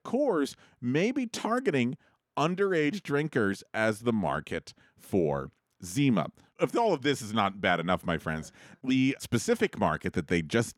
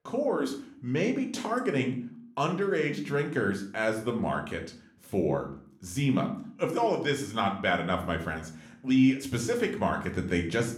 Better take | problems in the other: first | room echo; slight; dies away in 0.4 s

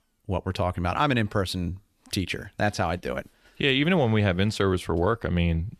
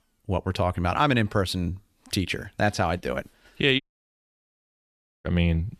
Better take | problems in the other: first | audio cutting out; at 4 s for 1.5 s

